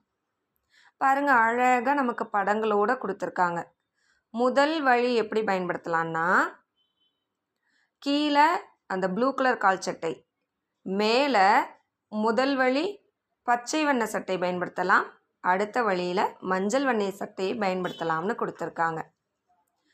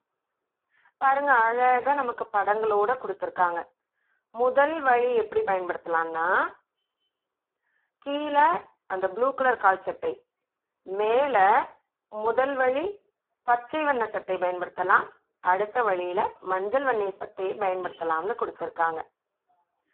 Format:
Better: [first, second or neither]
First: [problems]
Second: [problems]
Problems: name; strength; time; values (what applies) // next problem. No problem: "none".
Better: first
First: none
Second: phone-call audio; poor line